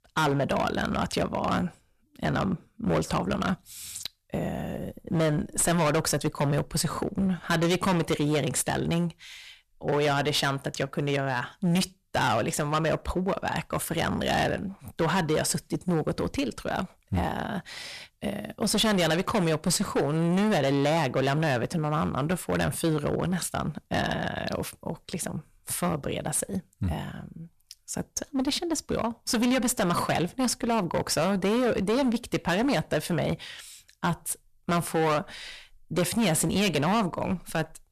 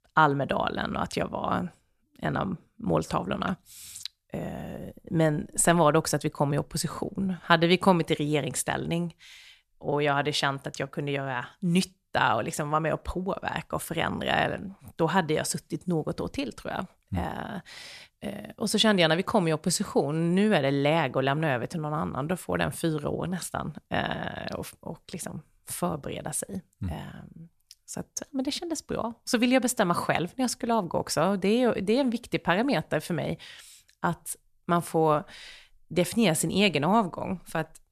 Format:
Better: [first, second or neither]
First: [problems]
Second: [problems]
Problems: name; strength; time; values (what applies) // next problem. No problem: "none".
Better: second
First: distortion; heavy; 13% of the sound clipped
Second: none